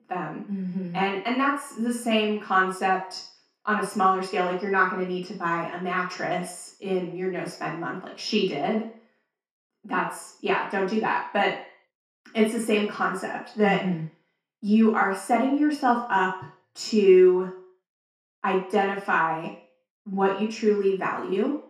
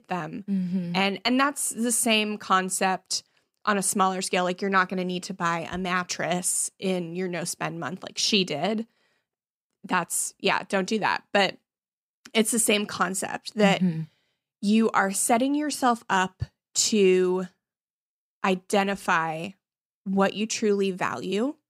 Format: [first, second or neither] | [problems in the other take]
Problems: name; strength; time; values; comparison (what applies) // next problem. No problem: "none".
second | room echo; noticeable; dies away in 0.5 s // off-mic speech; far